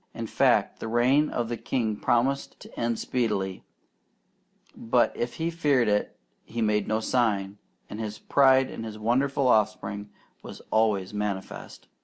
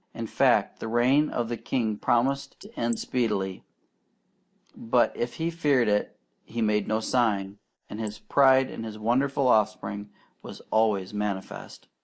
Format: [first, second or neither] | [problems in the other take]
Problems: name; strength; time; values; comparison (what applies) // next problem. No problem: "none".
first | noise reduction (neural mask model Resemble Enhance denoiser)